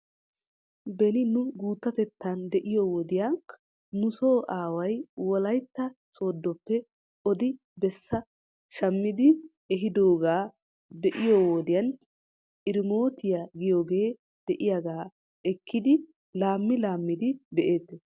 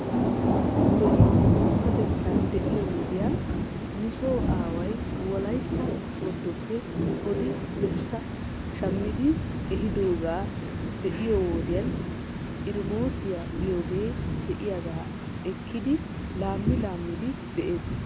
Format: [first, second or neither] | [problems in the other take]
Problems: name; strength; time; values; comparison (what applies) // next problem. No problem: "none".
first | background sound (Thunder / Rain); 4 dB above the speech